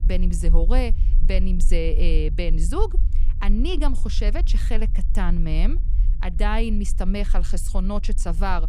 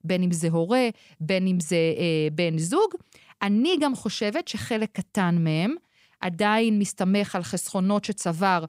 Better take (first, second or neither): second